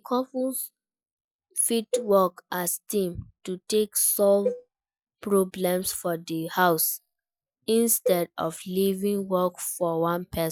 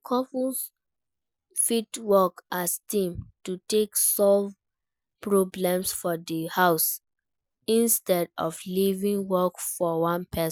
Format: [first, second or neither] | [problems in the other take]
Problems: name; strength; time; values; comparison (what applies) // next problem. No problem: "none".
second | noise reduction (classical method log-MMSE)